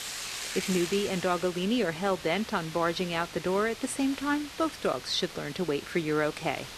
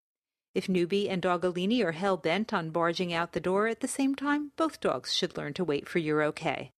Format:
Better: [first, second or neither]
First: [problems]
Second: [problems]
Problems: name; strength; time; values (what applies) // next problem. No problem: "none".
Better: second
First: hiss; loud; throughout; 10 dB below the speech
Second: none